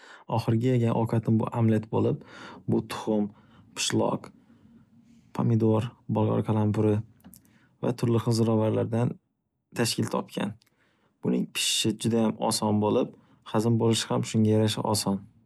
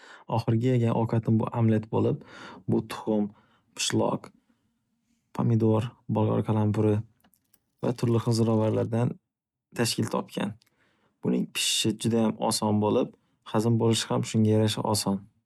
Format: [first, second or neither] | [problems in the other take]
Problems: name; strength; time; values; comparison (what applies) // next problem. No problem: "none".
first | noise reduction (neural mask model RNNoise)